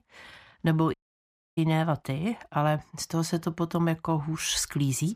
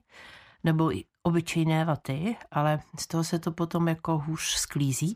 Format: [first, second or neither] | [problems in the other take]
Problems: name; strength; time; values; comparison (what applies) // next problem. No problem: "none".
second | audio cutting out; at 1 s for 0.5 s